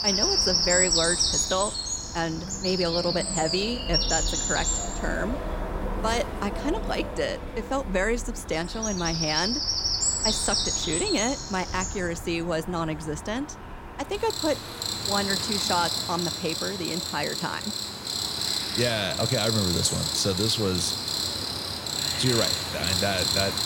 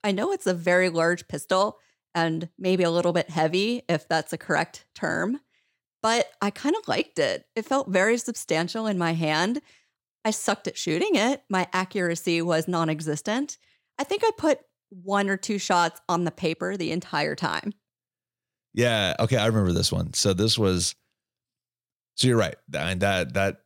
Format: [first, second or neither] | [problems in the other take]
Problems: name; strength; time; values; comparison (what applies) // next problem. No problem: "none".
second | animal sounds; very loud; throughout; 3 dB above the speech